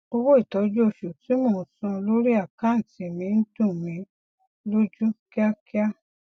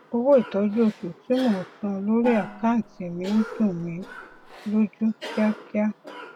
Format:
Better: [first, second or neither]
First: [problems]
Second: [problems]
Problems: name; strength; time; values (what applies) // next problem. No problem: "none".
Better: first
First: none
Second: background sound (Cough + Gong); 15 dB below the speech